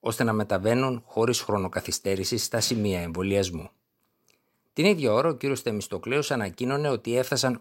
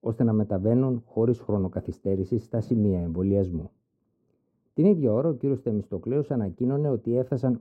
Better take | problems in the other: first | muffled; very; fading above 1 kHz

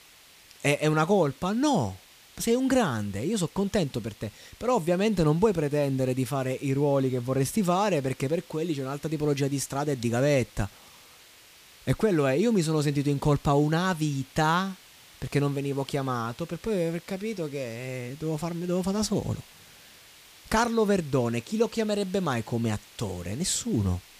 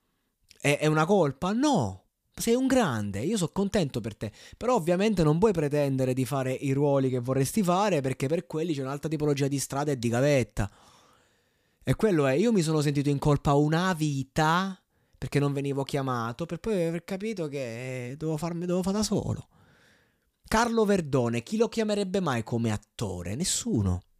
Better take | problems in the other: second | hiss; faint; throughout; 25 dB below the speech

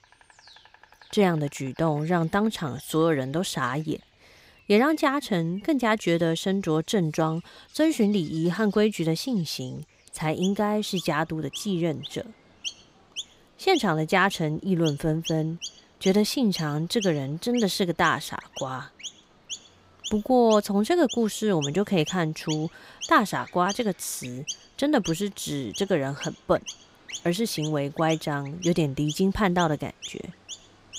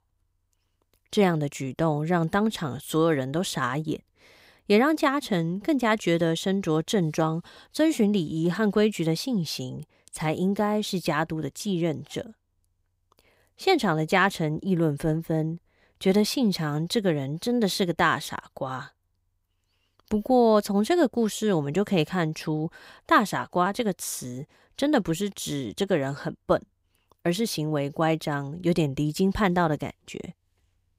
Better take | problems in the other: second | animal sounds; noticeable; throughout; 15 dB below the speech

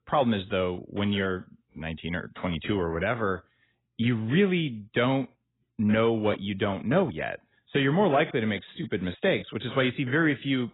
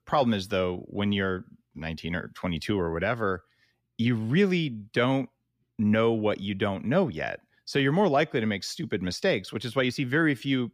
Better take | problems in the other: second | garbled, watery; badly; nothing above 4 kHz

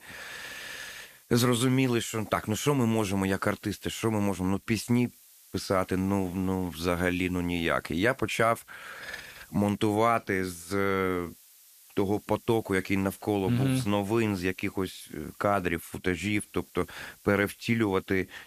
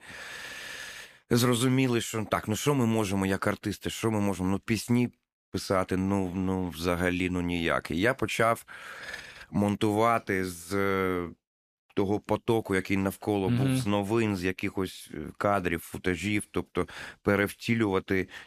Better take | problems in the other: second | hiss; faint; throughout; 25 dB below the speech

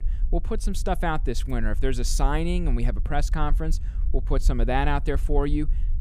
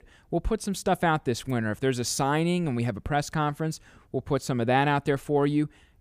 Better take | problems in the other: second | low rumble; faint; throughout; 20 dB below the speech

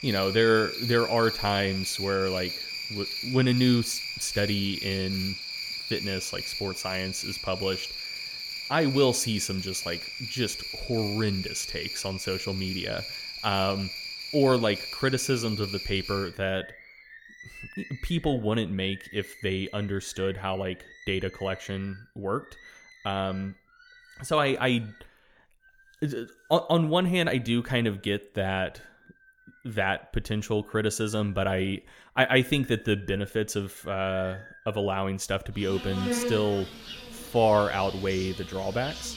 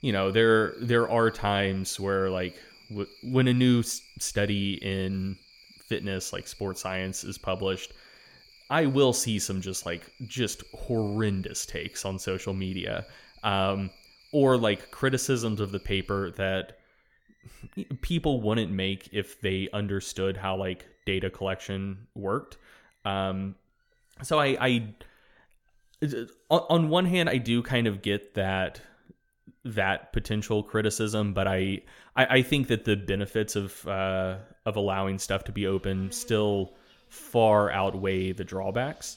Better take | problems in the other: second | animal sounds; loud; throughout; 6 dB below the speech; faint in the second

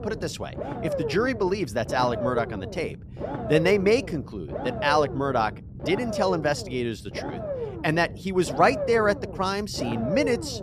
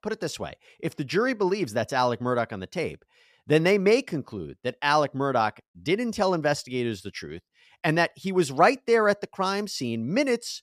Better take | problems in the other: second | low rumble; loud; throughout; 8 dB below the speech

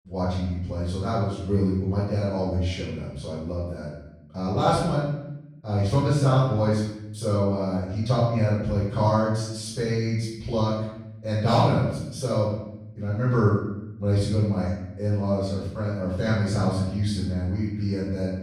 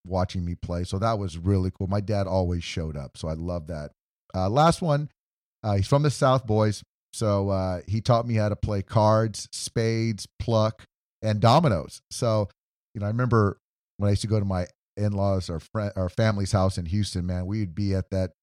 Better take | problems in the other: second | off-mic speech; far // room echo; strong; dies away in 0.8 s

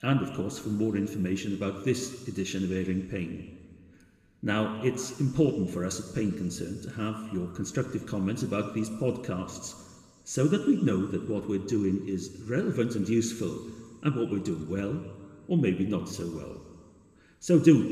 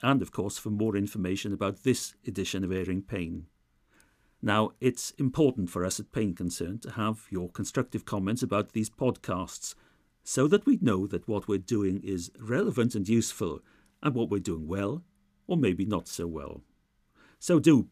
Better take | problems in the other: second | room echo; slight; dies away in 1.9 s

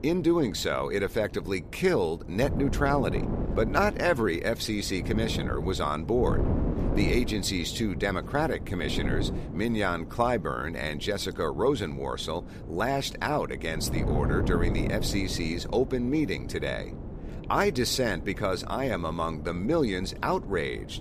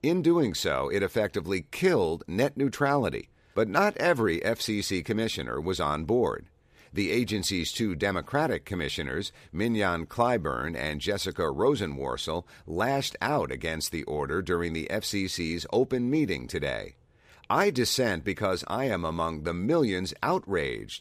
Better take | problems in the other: second | wind noise on the microphone; occasional gusts; 10 dB below the speech

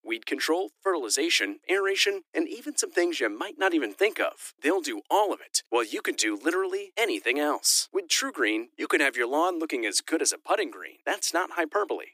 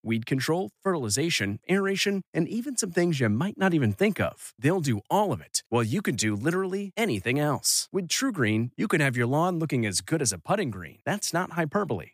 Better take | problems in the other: second | thin; very; fading below 300 Hz

